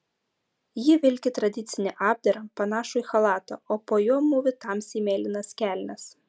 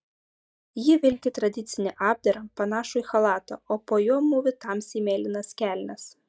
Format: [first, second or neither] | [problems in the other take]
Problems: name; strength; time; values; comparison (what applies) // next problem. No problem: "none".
first | noise reduction (neural mask model DeepFilterNet 3)